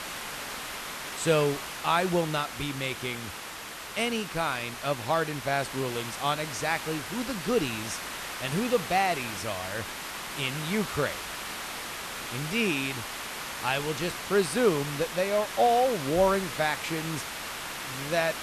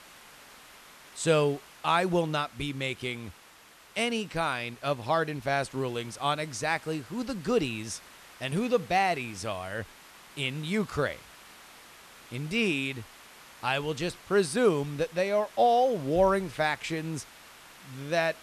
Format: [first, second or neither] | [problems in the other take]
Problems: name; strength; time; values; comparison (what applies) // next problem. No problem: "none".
second | hiss; loud; throughout; 7 dB below the speech; faint in the second